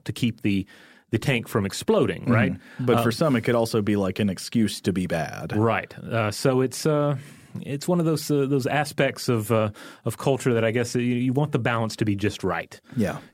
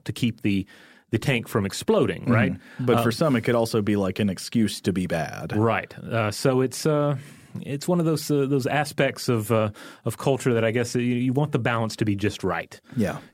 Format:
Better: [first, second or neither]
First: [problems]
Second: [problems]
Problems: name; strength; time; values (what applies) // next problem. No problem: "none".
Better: neither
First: none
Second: none